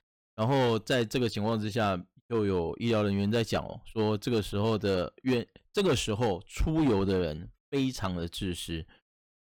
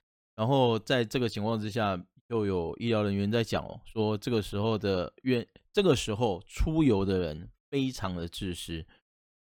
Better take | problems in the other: second | distortion; slight; 6% of the sound clipped

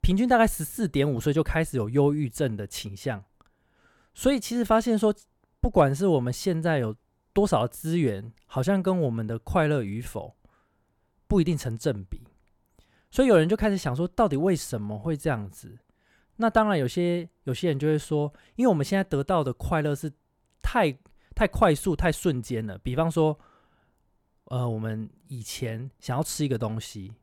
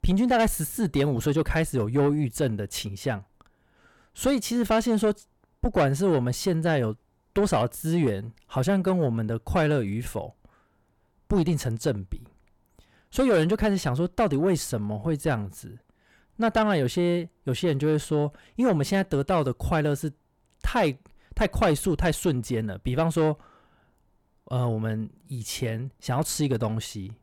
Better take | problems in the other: first | distortion; slight; 10 dB below the speech

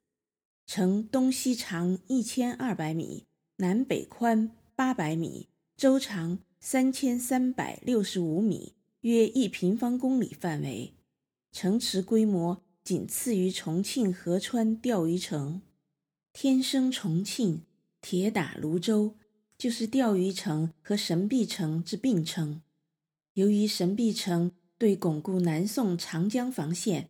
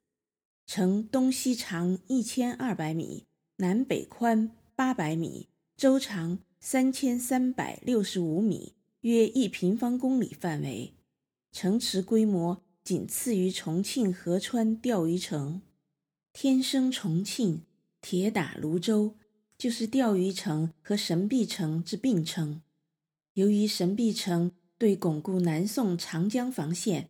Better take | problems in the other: neither | none

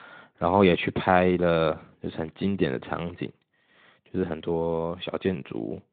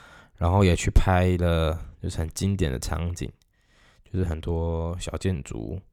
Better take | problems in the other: second | phone-call audio; nothing above 3.5 kHz

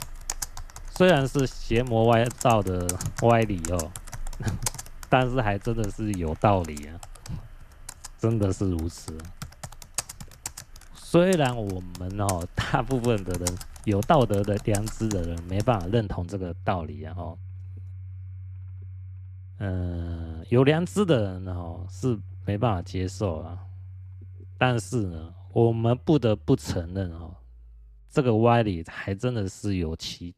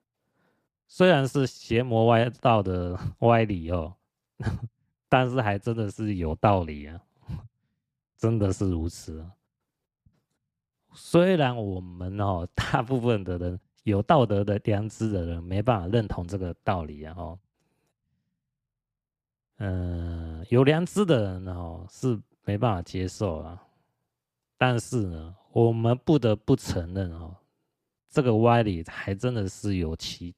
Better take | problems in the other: second | household noises; noticeable; throughout; 15 dB below the speech

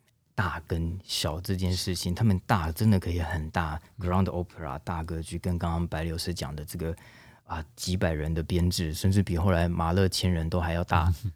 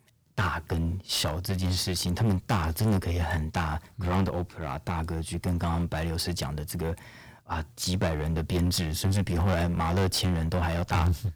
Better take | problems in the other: first | distortion; heavy; 12% of the sound clipped

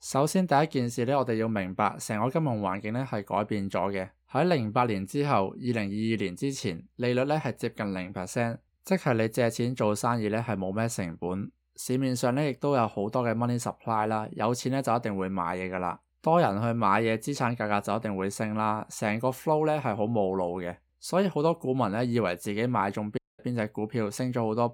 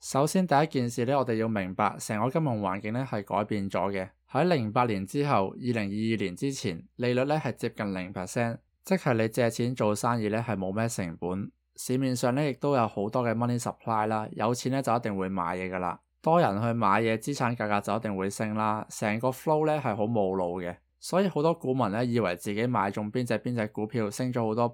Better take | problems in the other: second | audio cutting out; at 23 s

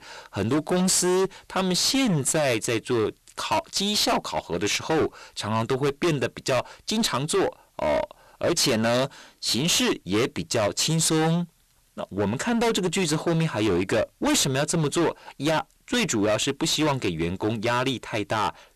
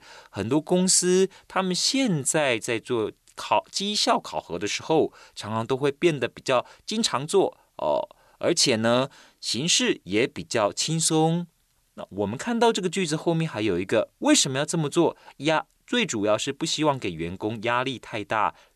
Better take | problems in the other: second | distortion; heavy; 20% of the sound clipped

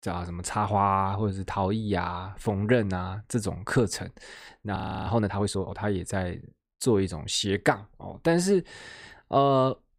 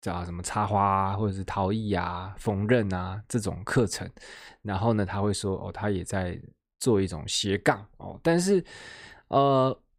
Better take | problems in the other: second | audio freezing; at 5 s

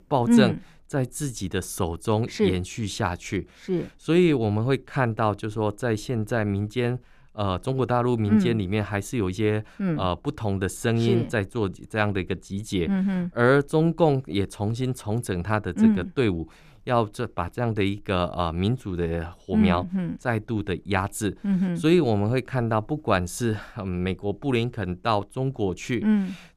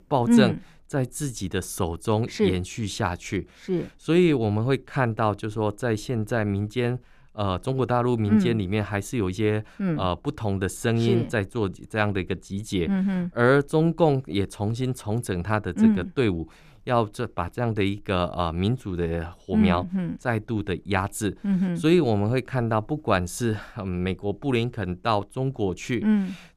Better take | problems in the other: neither | none

